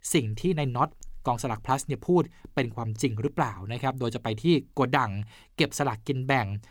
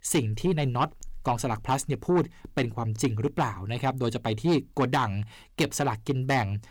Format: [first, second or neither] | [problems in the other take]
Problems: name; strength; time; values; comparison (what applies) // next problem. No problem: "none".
first | distortion; slight; 10 dB below the speech